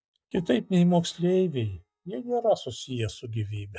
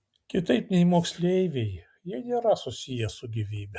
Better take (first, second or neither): second